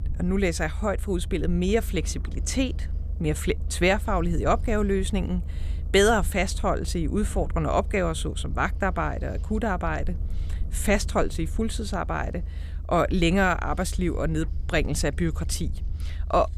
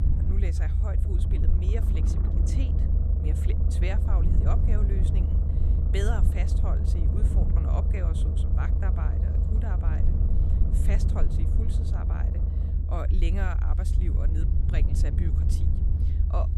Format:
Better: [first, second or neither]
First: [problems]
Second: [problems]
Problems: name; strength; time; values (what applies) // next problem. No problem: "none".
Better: first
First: low rumble; faint; throughout; 25 dB below the speech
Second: low rumble; loud; throughout; 1 dB below the speech